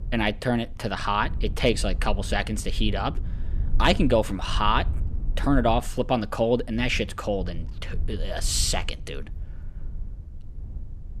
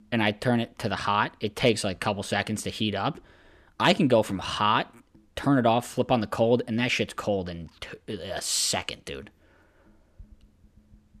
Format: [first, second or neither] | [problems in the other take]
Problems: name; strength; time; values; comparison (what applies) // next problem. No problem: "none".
second | low rumble; faint; throughout; 25 dB below the speech